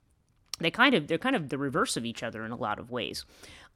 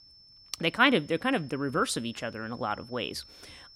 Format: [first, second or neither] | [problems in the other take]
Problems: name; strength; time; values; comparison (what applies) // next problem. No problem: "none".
first | high-pitched whine; faint; throughout; 5.5 kHz, 25 dB below the speech